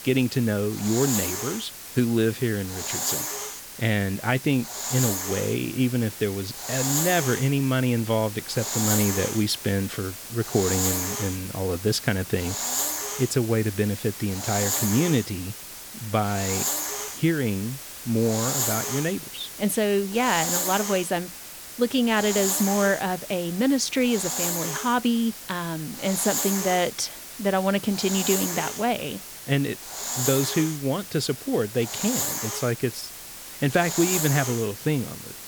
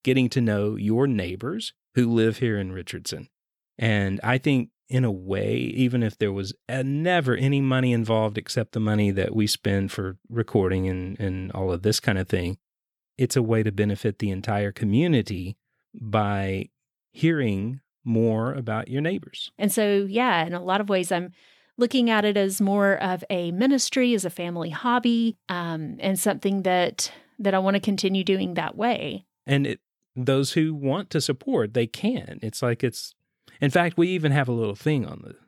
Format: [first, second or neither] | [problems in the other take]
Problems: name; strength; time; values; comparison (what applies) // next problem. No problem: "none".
second | hiss; loud; throughout; 4 dB below the speech